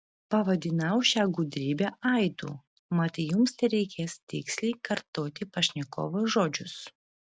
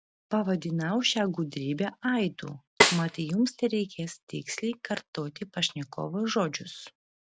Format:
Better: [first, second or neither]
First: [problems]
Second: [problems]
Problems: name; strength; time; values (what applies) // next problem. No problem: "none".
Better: first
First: none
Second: background sound (Snare drum); 2 dB above the speech